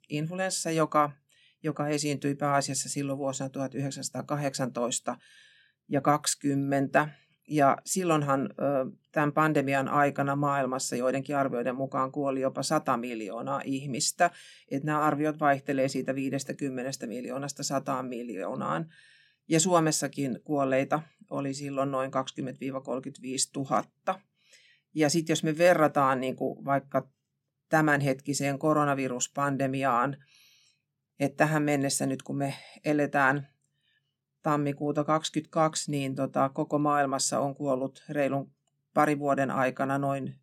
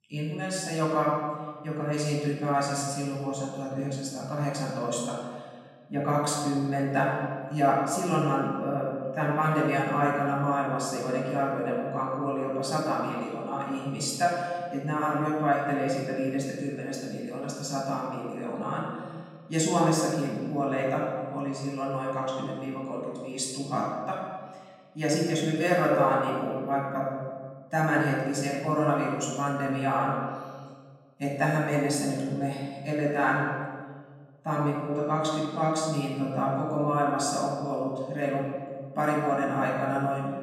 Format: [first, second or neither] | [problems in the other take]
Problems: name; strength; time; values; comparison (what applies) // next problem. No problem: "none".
first | room echo; noticeable; dies away in 1.5 s // off-mic speech; far